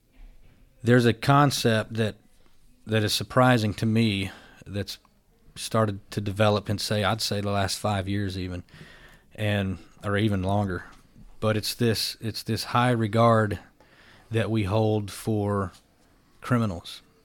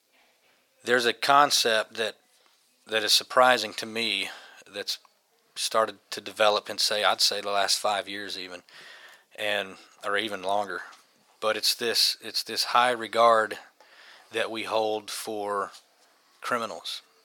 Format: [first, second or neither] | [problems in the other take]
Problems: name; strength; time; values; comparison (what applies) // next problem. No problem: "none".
first | thin; very; fading below 650 Hz